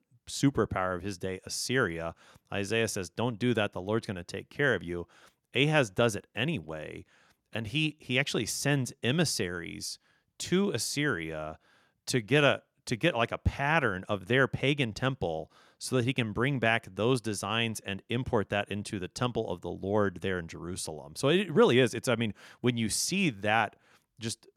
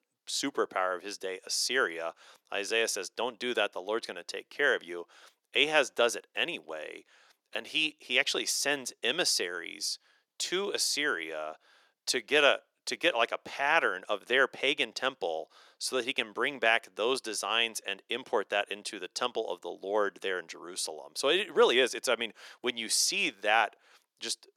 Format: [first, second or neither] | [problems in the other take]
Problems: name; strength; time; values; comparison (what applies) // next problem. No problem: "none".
first | thin; very; fading below 400 Hz